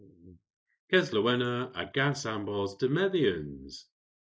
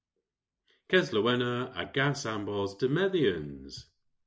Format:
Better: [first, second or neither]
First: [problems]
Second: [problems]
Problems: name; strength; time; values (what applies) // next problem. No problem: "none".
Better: second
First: noise reduction (neural mask model Resemble Enhance denoiser)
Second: none